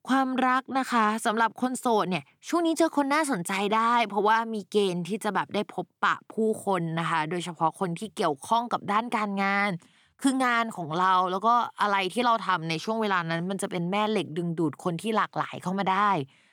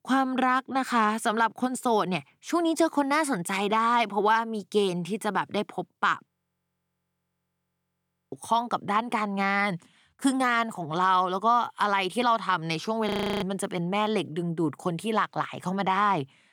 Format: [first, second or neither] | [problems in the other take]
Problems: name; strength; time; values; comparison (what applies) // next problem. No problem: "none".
first | audio freezing; at 6.5 s for 2 s and at 13 s